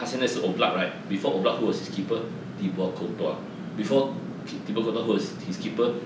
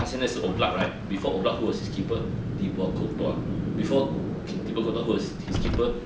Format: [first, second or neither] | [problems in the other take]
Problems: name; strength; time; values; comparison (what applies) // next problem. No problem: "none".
first | background sound (Car); 3 dB below the speech